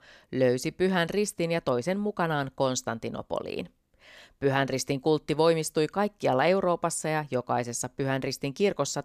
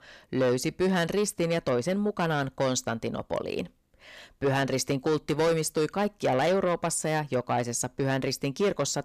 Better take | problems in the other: first | distortion; slight; 10 dB below the speech

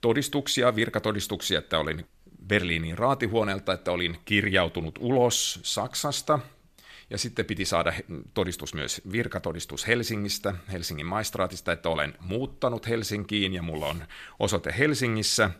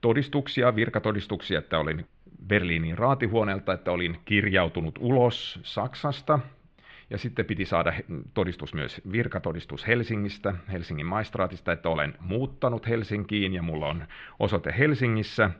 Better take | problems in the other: first | muffled; very; fading above 3 kHz

